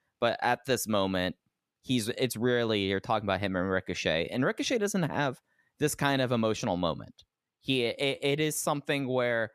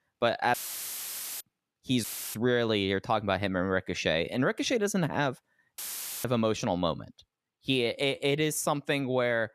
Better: first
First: none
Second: audio cutting out; filled with static; at 0.5 s for 1 s, at 2 s and at 6 s

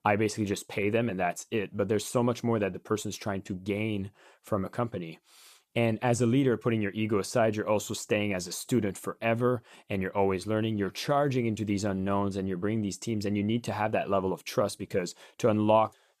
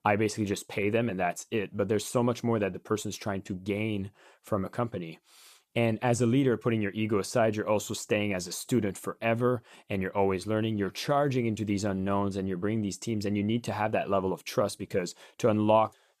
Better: neither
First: none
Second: none

